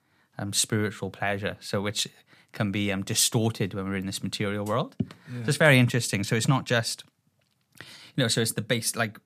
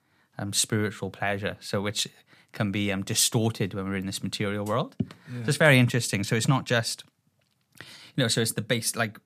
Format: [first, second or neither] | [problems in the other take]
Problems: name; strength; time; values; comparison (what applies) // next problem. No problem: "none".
neither | none